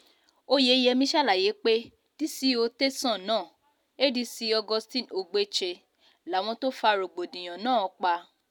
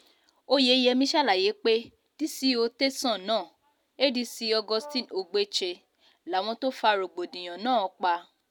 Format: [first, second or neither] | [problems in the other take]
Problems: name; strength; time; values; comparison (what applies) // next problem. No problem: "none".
first | background sound (Brass instrument); 20 dB below the speech